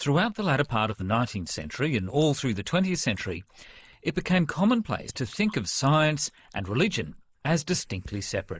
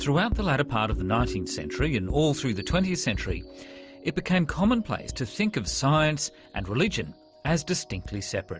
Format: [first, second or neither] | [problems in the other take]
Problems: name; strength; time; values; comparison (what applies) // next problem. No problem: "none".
second | noise reduction (neural mask model Resemble Enhance denoiser)